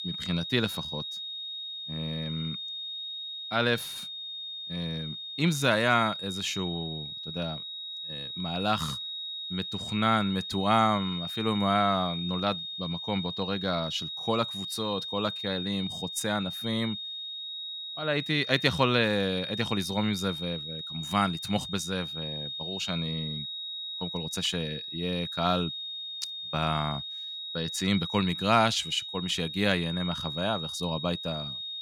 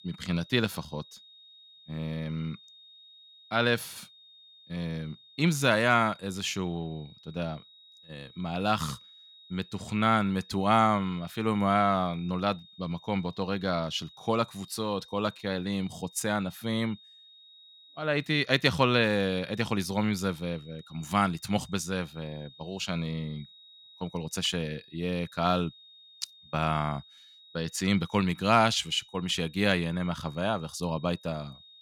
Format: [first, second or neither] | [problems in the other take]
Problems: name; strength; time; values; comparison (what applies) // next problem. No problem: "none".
second | high-pitched whine; loud; throughout; 4 kHz, 5 dB below the speech; faint in the second